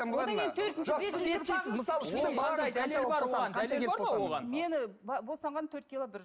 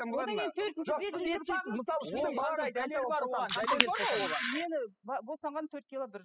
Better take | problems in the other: first | noise reduction (classical method spectral subtraction)

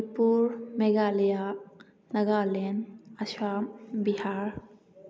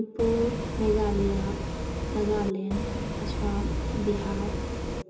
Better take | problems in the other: first | background sound (Bus); as loud as the speech // room echo; dies away in 0.2 s

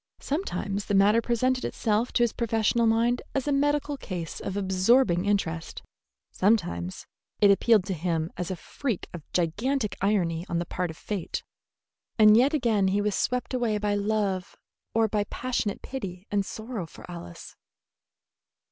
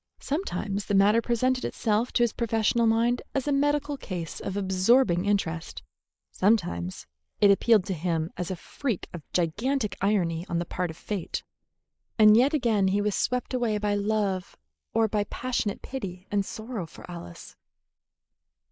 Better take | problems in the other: first | noise reduction (neural mask model Resemble Enhance denoiser)

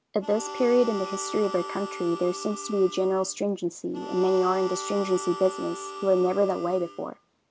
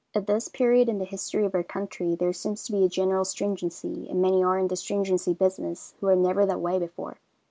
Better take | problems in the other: second | background sound (Harmonica); 11 dB below the speech

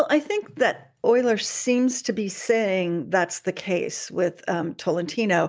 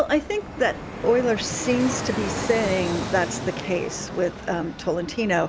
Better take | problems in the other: first | background sound (Fixed-wing aircraft, airplane); 7 dB below the speech

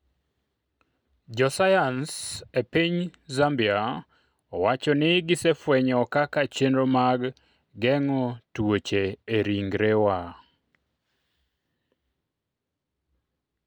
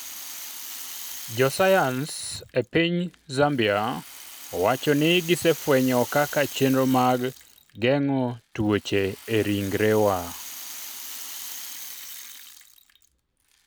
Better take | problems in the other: first | background sound (Rattle (instrument)); 15 dB below the speech

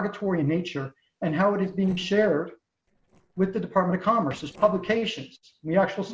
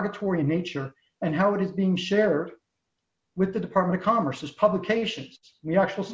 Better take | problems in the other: second | noise reduction (neural separator model SepFormer DNS4)

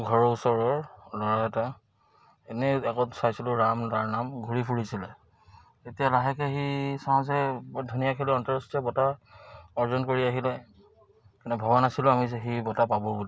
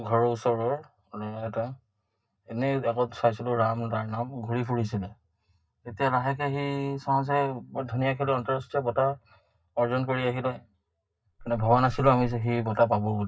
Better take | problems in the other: first | noise reduction (neural mask model DeepFilterNet 3)

